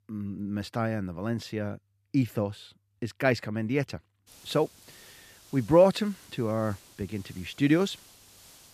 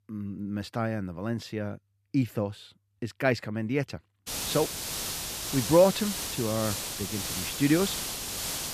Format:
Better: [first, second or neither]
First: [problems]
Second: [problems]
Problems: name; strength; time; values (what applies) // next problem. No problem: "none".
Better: first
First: hiss; faint; from 4.5 s on; 25 dB below the speech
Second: hiss; loud; from 4.5 s on; 3 dB below the speech